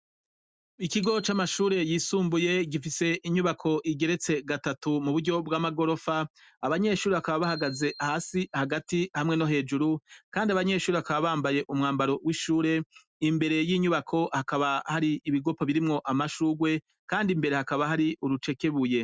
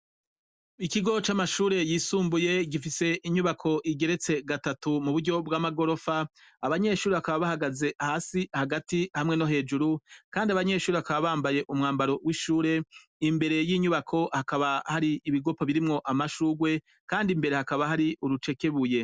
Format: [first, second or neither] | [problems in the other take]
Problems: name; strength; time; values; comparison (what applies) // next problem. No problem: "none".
second | noise reduction (neural mask model RNNoise)